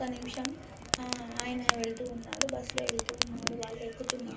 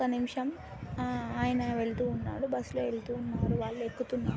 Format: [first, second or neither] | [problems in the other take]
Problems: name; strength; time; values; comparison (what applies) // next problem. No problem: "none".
second | background sound (Fire); 1 dB above the speech // room echo; dies away in 0.3 s